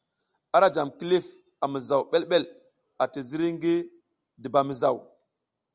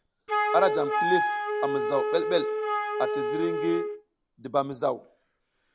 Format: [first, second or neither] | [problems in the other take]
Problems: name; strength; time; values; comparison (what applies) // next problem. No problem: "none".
first | background sound (Wind instrument, woodwind instrument); 1 dB above the speech